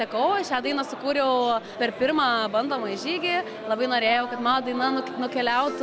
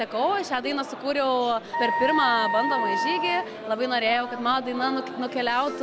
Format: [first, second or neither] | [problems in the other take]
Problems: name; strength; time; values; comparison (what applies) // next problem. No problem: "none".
first | background sound (Wind instrument, woodwind instrument); 1 dB below the speech